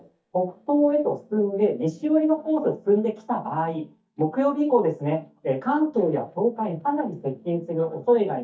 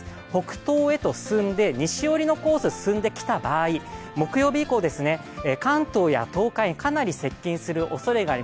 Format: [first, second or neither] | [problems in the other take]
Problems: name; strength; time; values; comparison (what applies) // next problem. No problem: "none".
second | noise reduction (neural mask model DeepFilterNet 3)